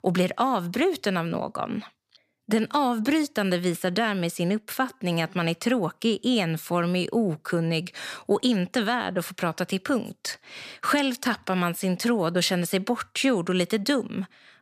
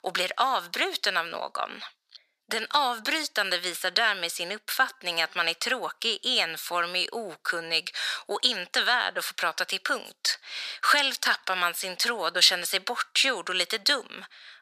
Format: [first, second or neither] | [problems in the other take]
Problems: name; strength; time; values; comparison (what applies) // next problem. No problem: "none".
first | thin; very; fading below 750 Hz